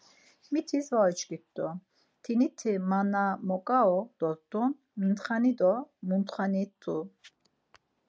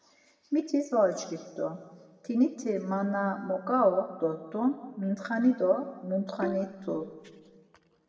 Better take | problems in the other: first | background sound (Bowed string instrument); 11 dB below the speech // room echo; dies away in 1.5 s

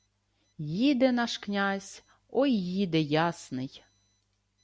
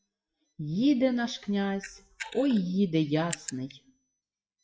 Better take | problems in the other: first | noise reduction (classical method WPE with log-MMSE)

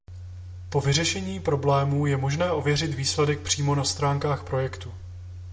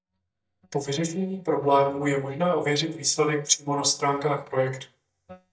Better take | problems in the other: first | noise reduction (neural mask model DeepFilterNet 3)

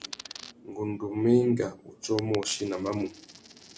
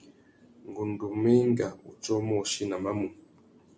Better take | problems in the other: second | background sound (Coin (dropping)); 17 dB below the speech

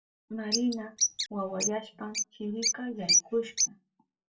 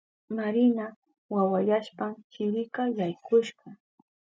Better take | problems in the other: second | background sound (Bird); 4 dB above the speech // room echo; dies away in 0.2 s

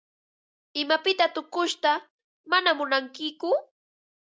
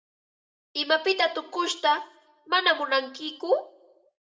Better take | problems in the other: first | room echo; dies away in 0.5 s

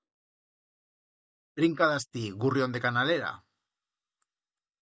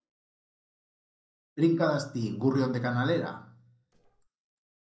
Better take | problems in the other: first | noise reduction (neural separator model SepFormer DNS4)

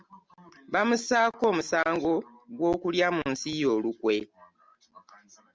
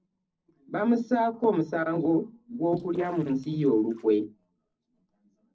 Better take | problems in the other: first | noise reduction (neural separator model SepFormer DNS4)

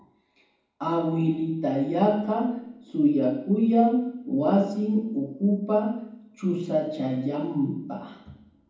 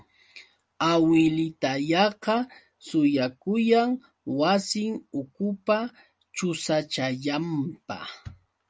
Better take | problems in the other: second | room echo; dies away in 1.2 s

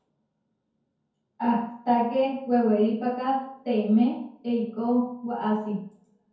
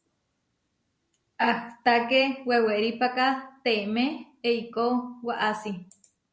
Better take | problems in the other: second | room echo; dies away in 0.6 s

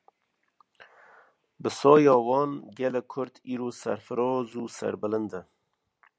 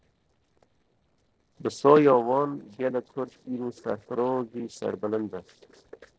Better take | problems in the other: first | noise reduction (neural separator model SepFormer DNS4)

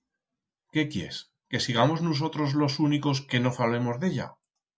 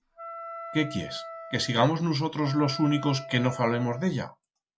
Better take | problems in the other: first | background sound (Wind instrument, woodwind instrument); 13 dB below the speech

